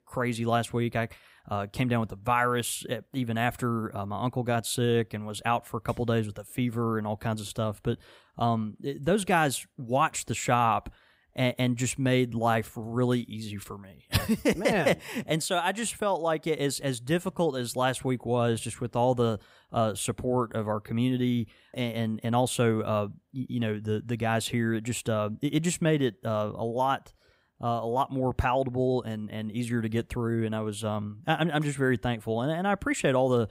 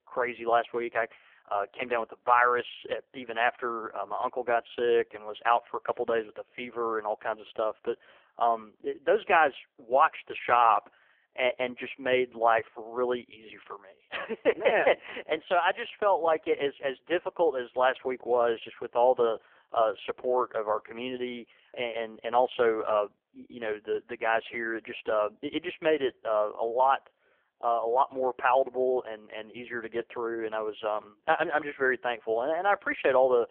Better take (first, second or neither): first